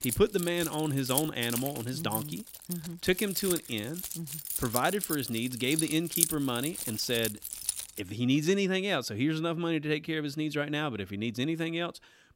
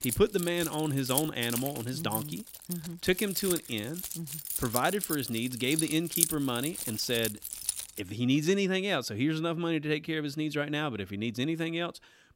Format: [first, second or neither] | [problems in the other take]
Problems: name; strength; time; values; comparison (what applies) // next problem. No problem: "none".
neither | jangling keys; loud; until 8 s; peak 4 dB above the speech; the same in both